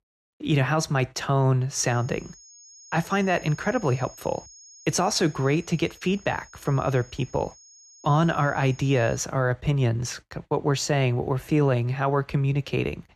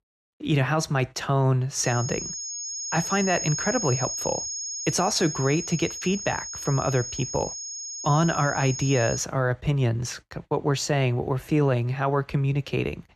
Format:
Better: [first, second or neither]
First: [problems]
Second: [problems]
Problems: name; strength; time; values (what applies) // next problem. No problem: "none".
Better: first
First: high-pitched whine; faint; from 2 to 9 s; 6.5 kHz, 20 dB below the speech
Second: high-pitched whine; loud; from 2 to 9 s; 6.5 kHz, 5 dB below the speech